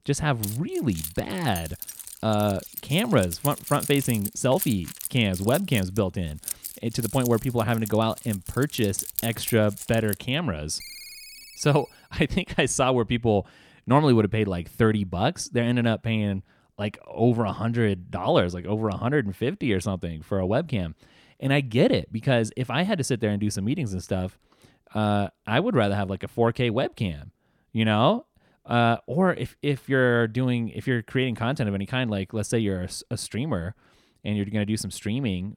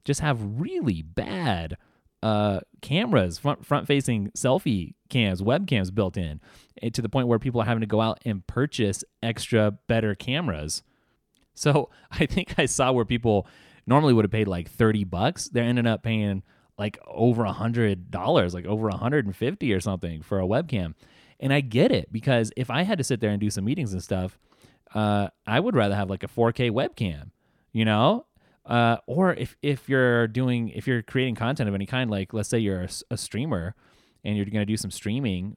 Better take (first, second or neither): second